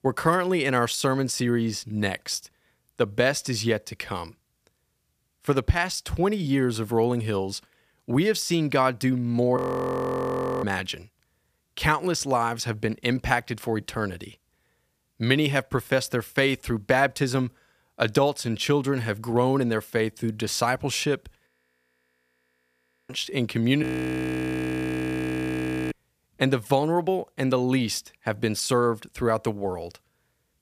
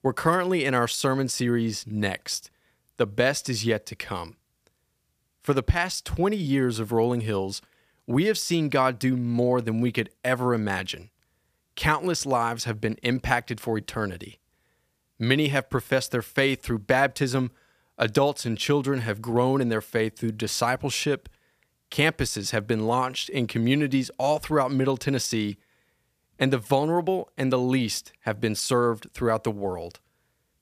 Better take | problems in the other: second | audio freezing; at 9.5 s for 1 s, at 21 s for 1.5 s and at 24 s for 2 s

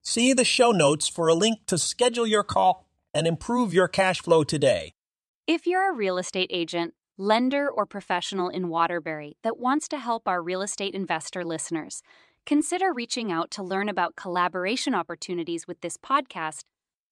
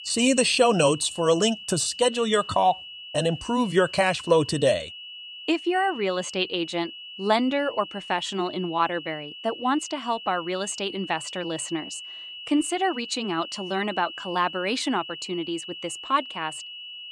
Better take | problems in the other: first | high-pitched whine; noticeable; throughout; 3 kHz, 10 dB below the speech

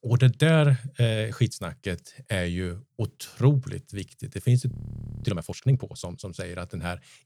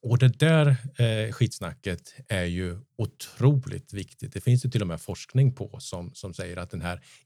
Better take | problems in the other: second | audio freezing; at 4.5 s for 0.5 s

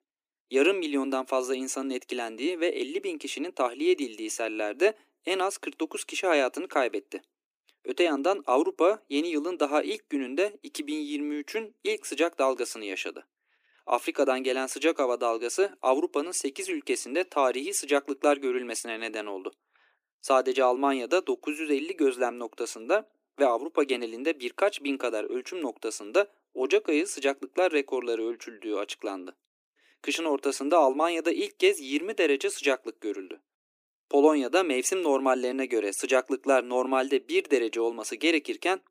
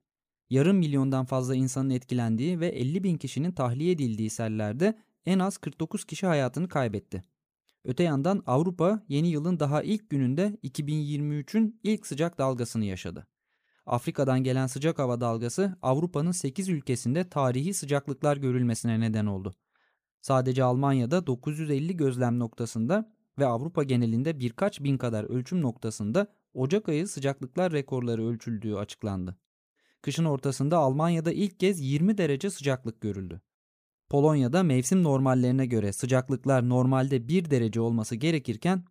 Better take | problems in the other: second | thin; somewhat; fading below 300 Hz

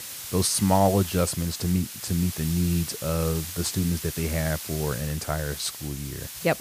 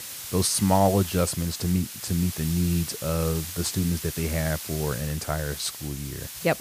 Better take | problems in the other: neither | hiss; loud; throughout; 8 dB below the speech; the same in both

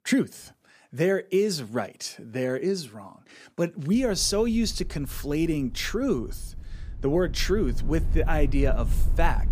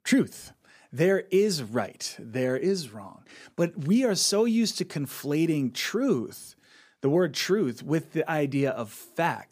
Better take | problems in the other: second | low rumble; faint; from 4 s on; 20 dB below the speech

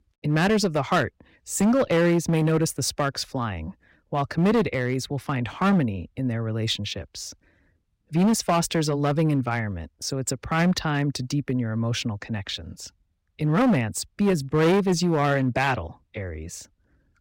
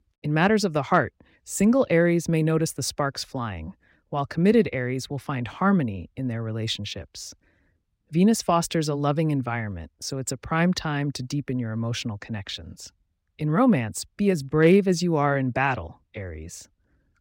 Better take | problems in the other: second | distortion; slight; 7% of the sound clipped

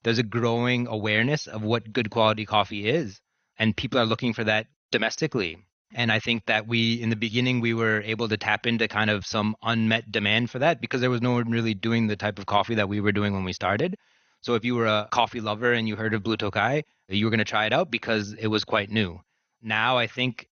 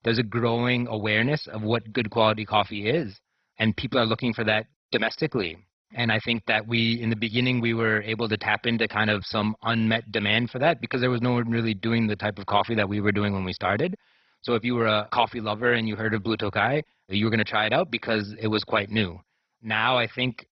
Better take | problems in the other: first | garbled, watery; badly; nothing above 5.5 kHz; slightly in the first

